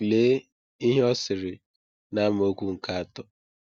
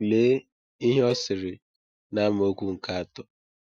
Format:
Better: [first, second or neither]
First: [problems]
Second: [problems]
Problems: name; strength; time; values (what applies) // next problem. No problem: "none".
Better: first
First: none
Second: noise reduction (classical method Wiener filter)